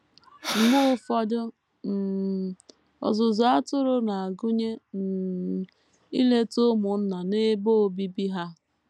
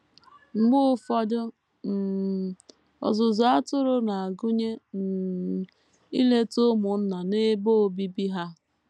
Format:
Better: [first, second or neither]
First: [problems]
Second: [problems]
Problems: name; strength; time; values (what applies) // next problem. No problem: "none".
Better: second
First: background sound (Breathing); 7 dB below the speech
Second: none